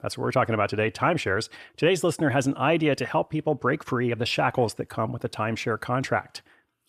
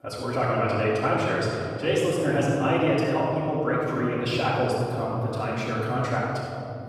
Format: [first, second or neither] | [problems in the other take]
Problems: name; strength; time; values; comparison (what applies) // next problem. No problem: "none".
first | room echo; strong; dies away in 2.9 s // off-mic speech; far